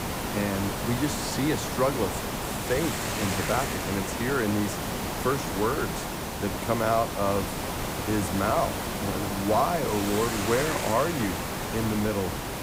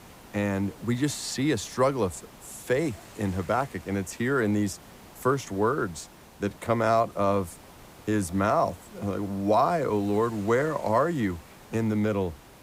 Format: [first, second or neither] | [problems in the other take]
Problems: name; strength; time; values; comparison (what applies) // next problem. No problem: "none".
second | hiss; loud; throughout; 2 dB below the speech; faint in the second